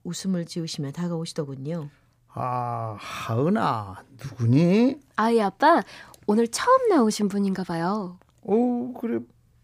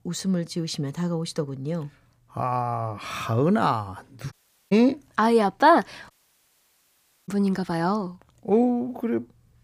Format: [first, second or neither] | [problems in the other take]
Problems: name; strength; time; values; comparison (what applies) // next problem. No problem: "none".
first | audio cutting out; at 4.5 s and at 6 s for 1 s